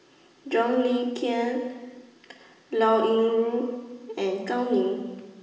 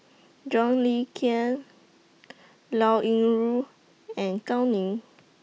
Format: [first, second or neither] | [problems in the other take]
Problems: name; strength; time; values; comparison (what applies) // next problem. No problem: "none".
second | room echo; dies away in 1.3 s